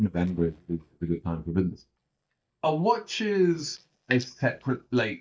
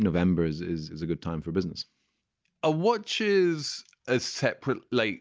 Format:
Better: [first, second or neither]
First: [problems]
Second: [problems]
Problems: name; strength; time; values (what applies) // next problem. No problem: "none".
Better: second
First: noise reduction (neural mask model DeepFilterNet 3)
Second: none